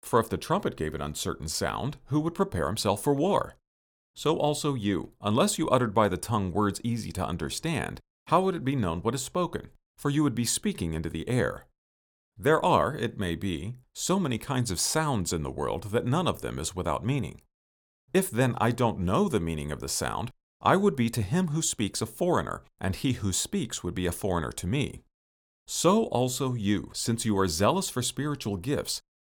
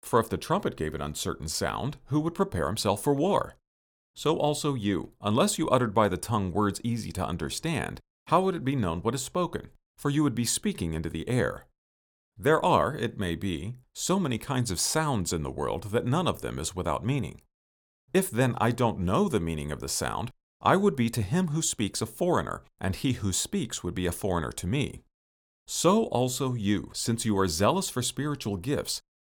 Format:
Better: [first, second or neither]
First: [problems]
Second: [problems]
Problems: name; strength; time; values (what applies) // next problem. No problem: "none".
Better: neither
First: none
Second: none